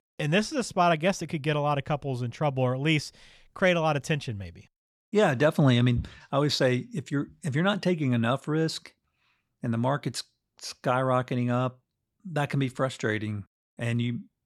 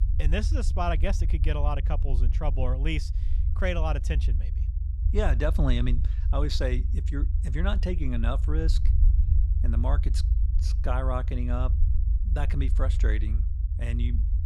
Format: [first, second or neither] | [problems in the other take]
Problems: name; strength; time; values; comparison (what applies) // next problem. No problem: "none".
first | low rumble; noticeable; throughout; 10 dB below the speech